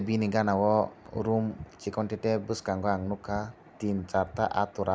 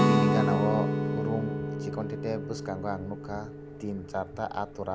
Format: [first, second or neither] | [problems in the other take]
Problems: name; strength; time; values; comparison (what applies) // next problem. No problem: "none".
first | background sound (Guitar); 5 dB above the speech